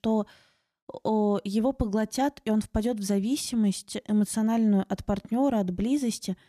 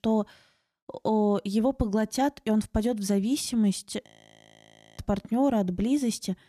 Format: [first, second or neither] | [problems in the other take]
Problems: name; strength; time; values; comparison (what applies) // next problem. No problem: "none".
first | audio freezing; at 4 s for 1 s